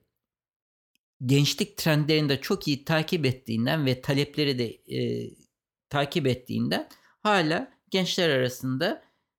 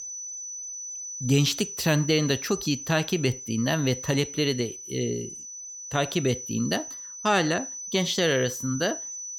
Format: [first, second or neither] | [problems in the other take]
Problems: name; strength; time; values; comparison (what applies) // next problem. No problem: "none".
first | high-pitched whine; loud; throughout; 6 kHz, 9 dB below the speech